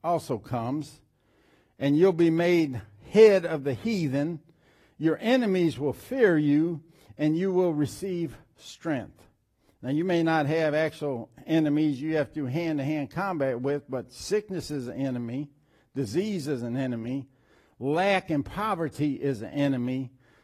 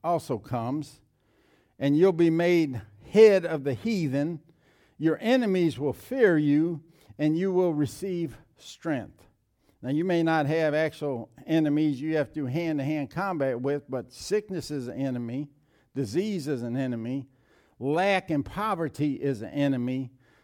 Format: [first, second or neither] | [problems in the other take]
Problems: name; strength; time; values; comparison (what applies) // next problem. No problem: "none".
second | garbled, watery; slightly; nothing above 12.5 kHz